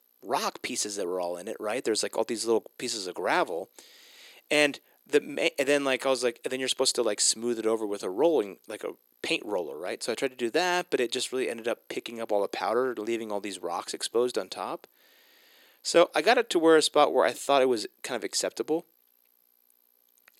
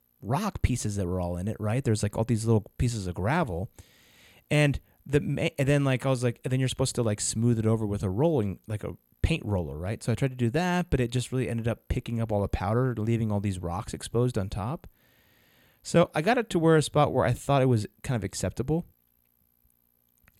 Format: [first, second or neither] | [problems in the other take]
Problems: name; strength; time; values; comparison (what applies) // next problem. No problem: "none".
second | thin; very; fading below 350 Hz